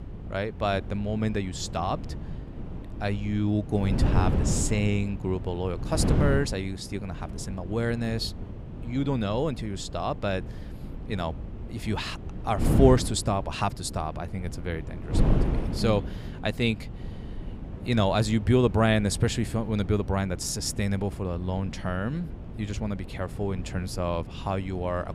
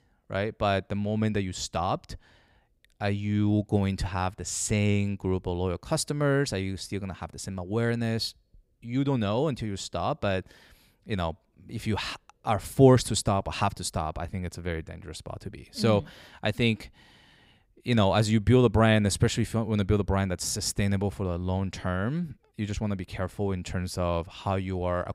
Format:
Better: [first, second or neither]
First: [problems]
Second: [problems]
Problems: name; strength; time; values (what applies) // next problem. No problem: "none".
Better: second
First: wind noise on the microphone; occasional gusts; 10 dB below the speech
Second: none